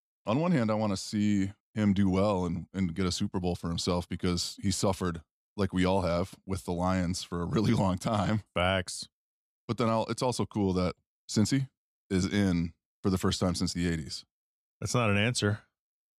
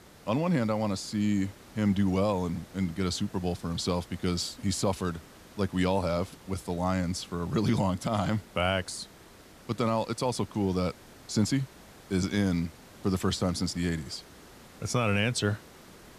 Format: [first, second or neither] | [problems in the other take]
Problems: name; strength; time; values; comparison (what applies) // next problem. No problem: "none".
first | hiss; faint; throughout; 20 dB below the speech